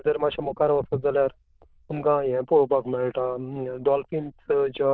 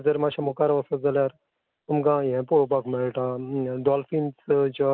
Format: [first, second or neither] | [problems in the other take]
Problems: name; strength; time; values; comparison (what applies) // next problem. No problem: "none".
second | noise reduction (neural diffusion model UNIVERSE++)